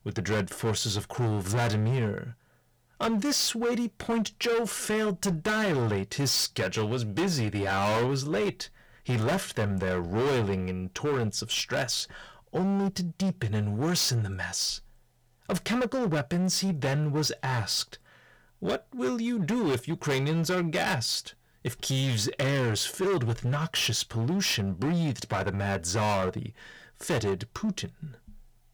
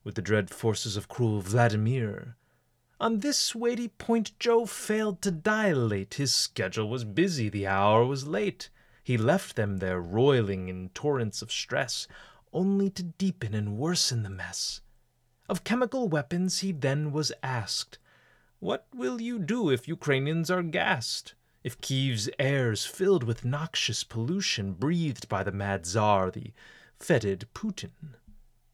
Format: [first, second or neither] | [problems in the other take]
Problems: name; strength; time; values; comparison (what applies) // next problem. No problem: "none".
second | distortion; heavy; 18% of the sound clipped